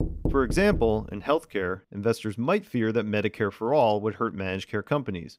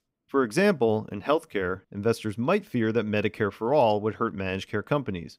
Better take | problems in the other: second | door banging; noticeable; until 1 s; peak 4 dB below the speech

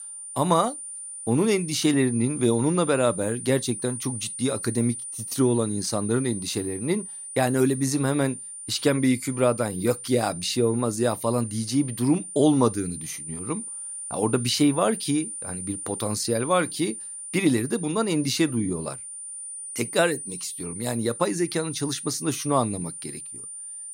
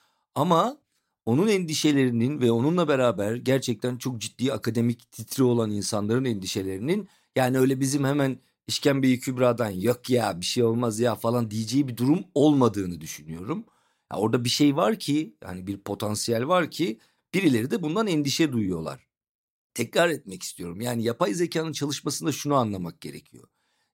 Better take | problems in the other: second | high-pitched whine; loud; throughout; 9 kHz, 9 dB below the speech

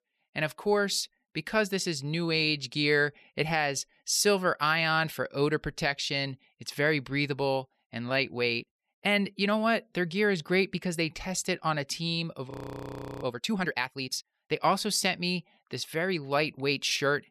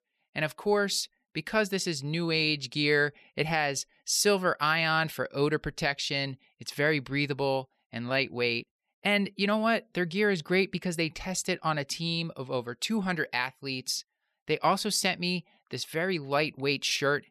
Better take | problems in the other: second | audio freezing; at 13 s for 0.5 s

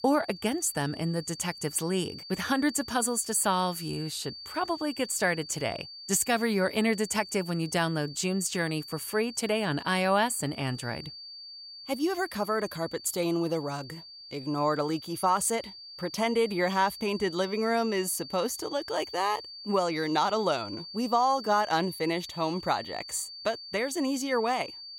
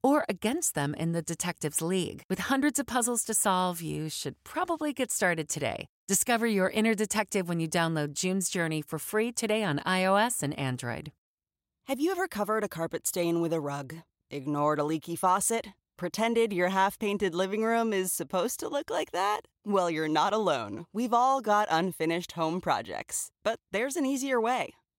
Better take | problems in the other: second | high-pitched whine; noticeable; throughout; 4.5 kHz, 15 dB below the speech

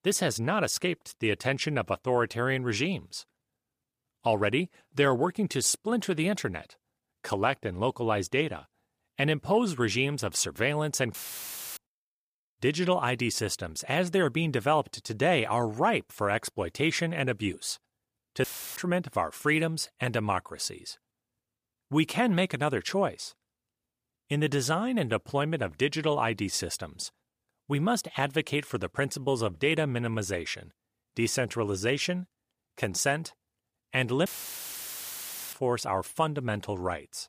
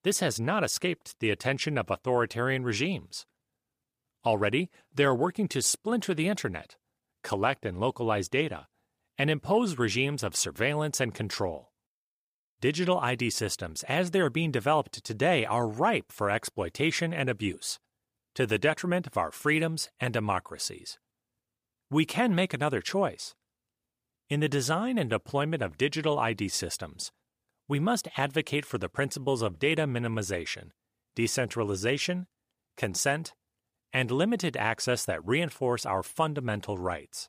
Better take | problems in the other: second | audio cutting out; filled with static; at 11 s for 0.5 s, at 18 s and at 34 s for 1.5 s

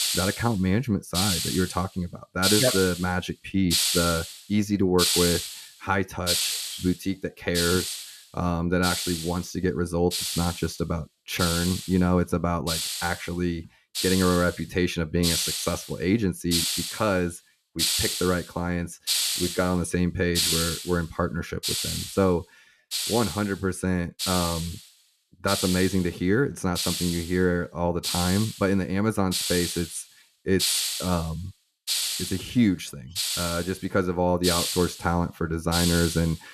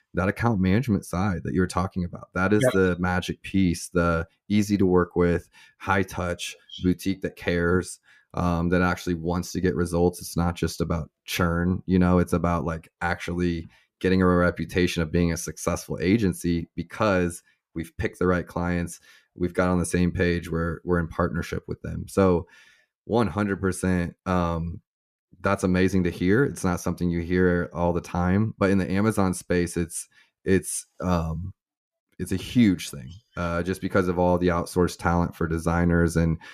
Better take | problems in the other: second | hiss; loud; throughout; 1 dB below the speech

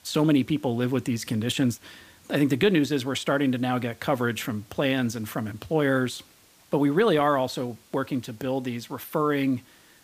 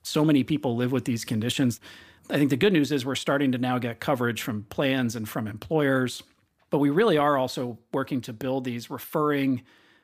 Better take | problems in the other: second | hiss; faint; throughout; 30 dB below the speech

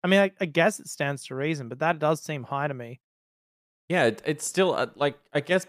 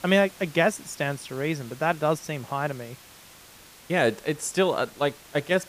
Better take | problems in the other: first | hiss; faint; throughout; 20 dB below the speech

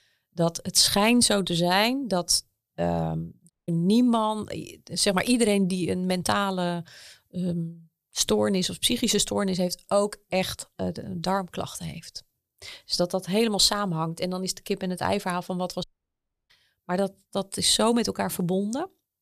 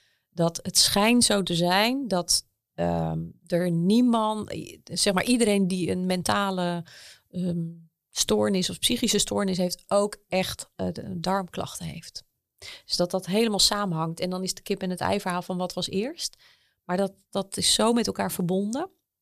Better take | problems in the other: second | audio cutting out; at 3.5 s and at 16 s for 0.5 s

